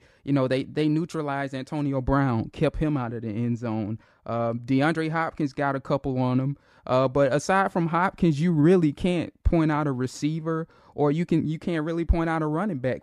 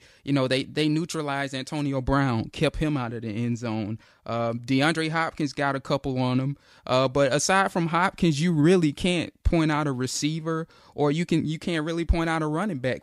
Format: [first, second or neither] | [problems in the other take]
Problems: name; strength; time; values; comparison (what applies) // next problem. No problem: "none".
second | muffled; slightly; fading above 2 kHz